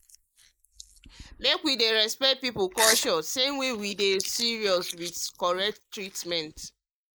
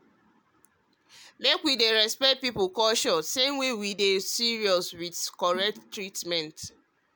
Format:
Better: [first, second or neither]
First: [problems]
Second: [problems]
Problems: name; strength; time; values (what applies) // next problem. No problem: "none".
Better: second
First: noise reduction (neural mask model Resemble Enhance denoiser)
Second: none